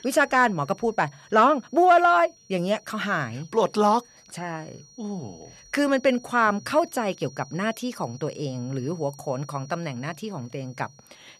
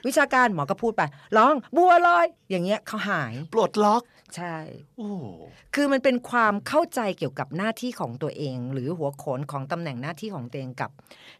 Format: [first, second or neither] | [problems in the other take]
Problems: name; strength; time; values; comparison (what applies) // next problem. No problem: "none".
second | high-pitched whine; faint; throughout; 5.5 kHz, 25 dB below the speech